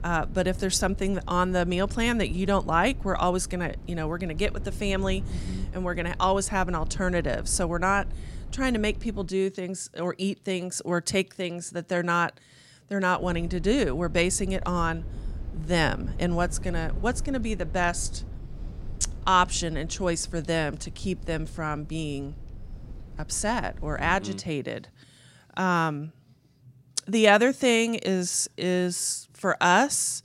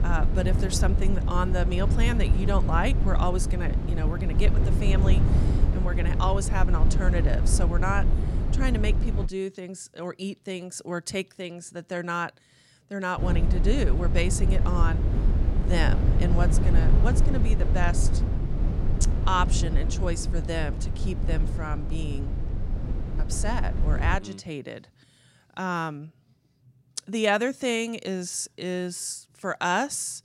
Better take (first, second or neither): first